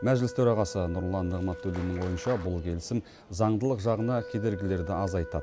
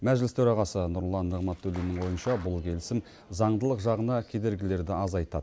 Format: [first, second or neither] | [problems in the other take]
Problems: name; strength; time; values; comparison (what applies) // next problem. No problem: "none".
second | background sound (Wind instrument, woodwind instrument); 15 dB below the speech